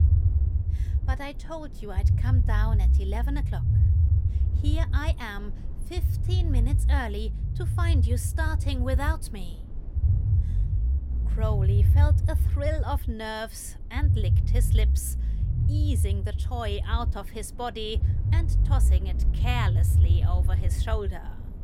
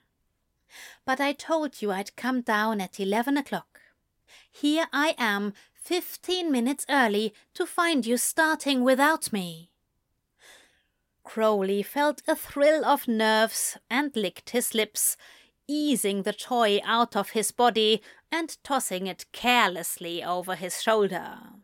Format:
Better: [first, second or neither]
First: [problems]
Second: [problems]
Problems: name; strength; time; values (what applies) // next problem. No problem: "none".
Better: second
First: low rumble; loud; throughout; 6 dB below the speech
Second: none